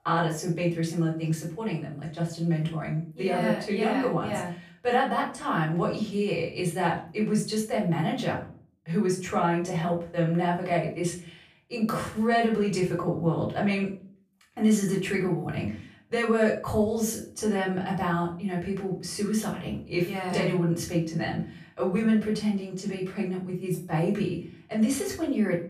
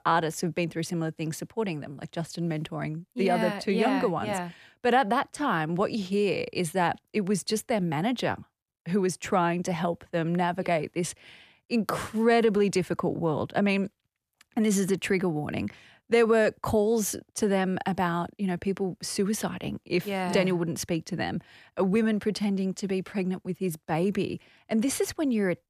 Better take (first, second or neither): second